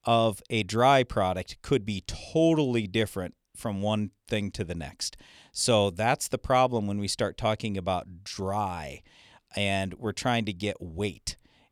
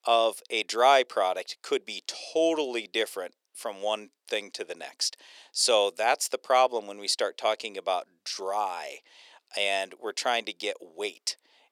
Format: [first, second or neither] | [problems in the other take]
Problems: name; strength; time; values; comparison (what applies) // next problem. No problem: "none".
first | thin; very; fading below 400 Hz